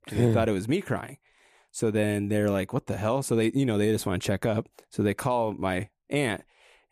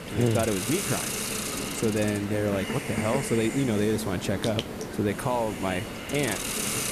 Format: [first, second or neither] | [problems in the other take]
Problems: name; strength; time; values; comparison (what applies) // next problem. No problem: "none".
first | hiss; loud; throughout; 3 dB below the speech